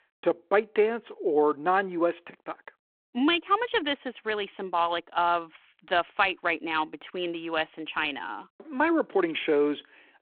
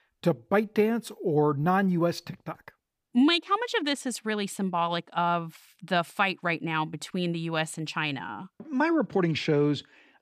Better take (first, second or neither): second